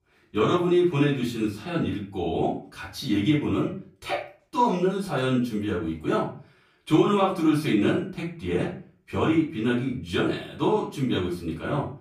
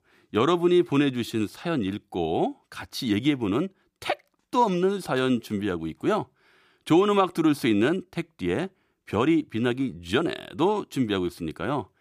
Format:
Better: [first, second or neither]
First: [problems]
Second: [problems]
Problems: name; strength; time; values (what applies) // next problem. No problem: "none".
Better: second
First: room echo; slight; dies away in 0.4 s // off-mic speech; far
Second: none